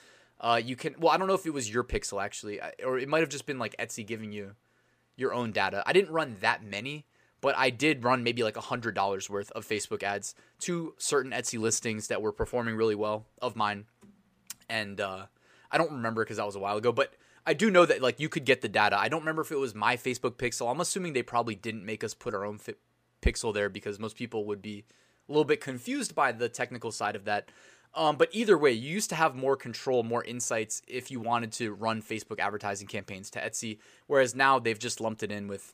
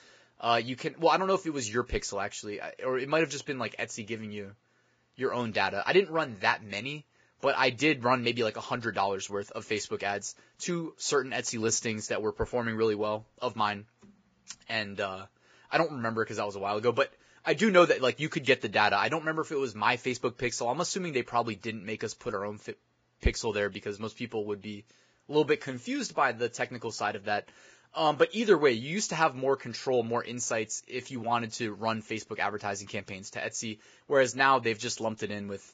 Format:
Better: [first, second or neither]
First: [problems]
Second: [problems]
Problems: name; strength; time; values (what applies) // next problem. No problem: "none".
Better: first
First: none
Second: garbled, watery; badly; nothing above 7.5 kHz